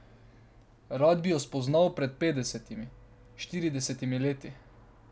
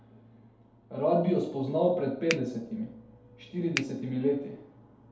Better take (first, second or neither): first